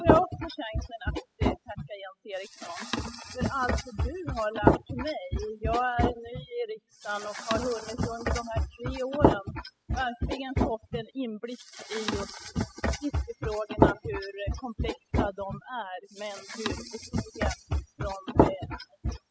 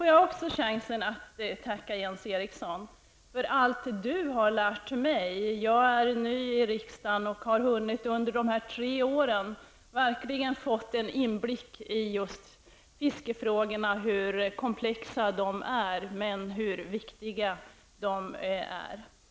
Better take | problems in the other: second | noise reduction (classical method spectral subtraction)

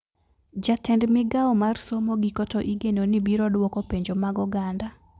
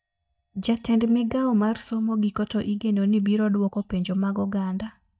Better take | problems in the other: first | noise reduction (neural mask model DeepFilterNet 3)

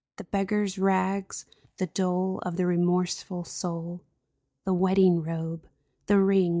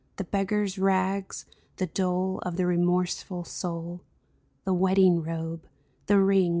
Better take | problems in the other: second | noise reduction (neural mask model DeepFilterNet 3)

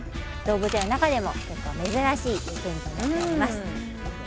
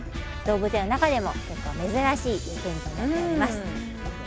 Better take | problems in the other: second | background sound (Coin (dropping) / Mechanisms); 15 dB below the speech

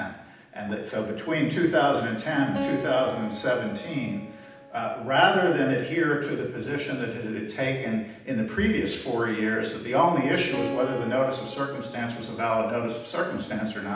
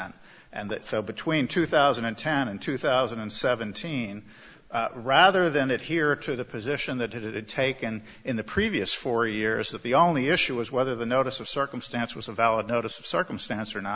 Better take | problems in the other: second | background sound (Keyboard (musical)); 15 dB below the speech // room echo; dies away in 0.8 s

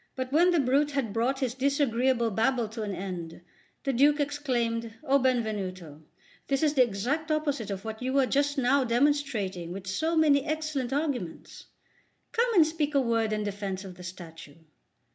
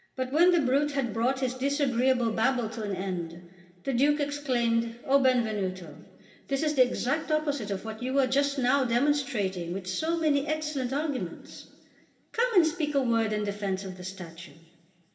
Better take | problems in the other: first | room echo; dies away in 1.5 s

